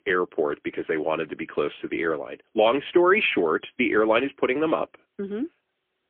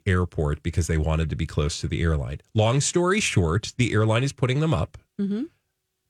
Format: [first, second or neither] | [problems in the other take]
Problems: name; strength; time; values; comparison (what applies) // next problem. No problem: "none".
second | phone-call audio; poor line; nothing above 3.5 kHz